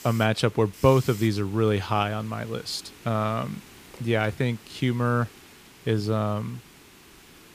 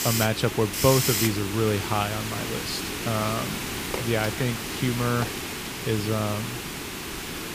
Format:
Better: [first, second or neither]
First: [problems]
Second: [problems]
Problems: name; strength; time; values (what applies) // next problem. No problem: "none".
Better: first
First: hiss; faint; throughout; 20 dB below the speech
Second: hiss; loud; throughout; 2 dB below the speech